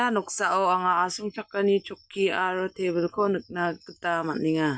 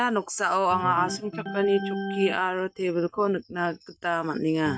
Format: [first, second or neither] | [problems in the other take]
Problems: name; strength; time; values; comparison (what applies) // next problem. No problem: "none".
first | noise reduction (neural mask model RNNoise)